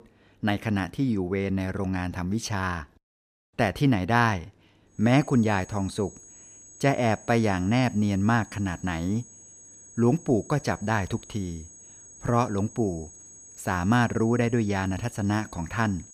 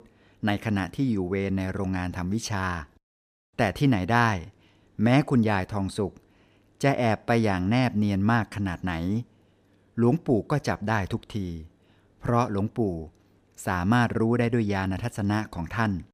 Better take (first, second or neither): second